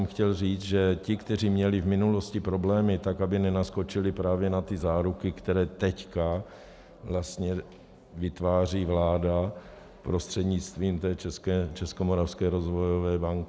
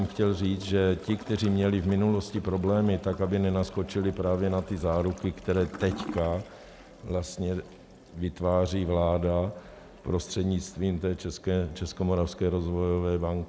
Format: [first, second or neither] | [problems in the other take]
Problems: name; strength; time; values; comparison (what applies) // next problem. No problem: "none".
first | background sound (Toilet flush / Gurgling); 19 dB below the speech